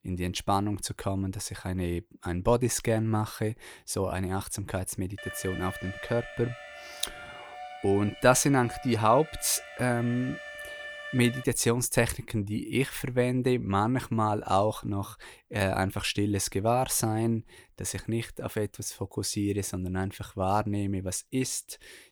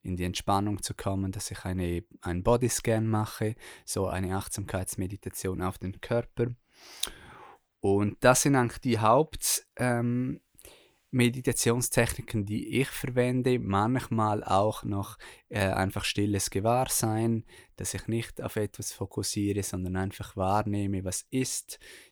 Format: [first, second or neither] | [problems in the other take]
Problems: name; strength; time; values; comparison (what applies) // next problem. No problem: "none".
second | alarm; noticeable; from 5 to 11 s; peak 10 dB below the speech